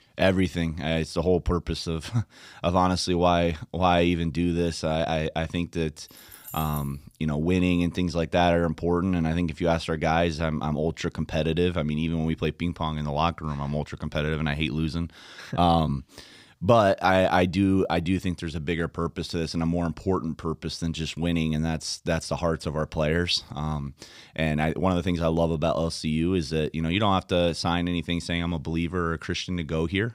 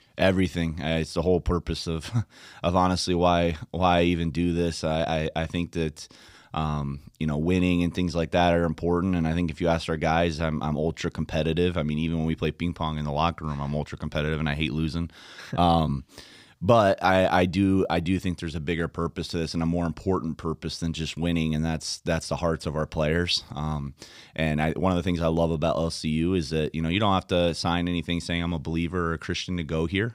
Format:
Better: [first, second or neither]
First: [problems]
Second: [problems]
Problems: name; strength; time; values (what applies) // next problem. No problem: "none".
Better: second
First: jangling keys; faint; at 6 s; peak 15 dB below the speech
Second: none